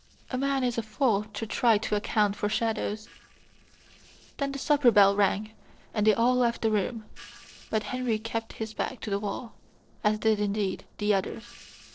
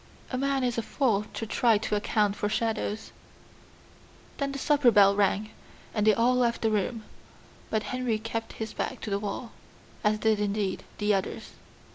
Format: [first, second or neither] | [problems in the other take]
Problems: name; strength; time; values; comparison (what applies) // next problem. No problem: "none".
second | noise reduction (neural separator model SepFormer DNS4)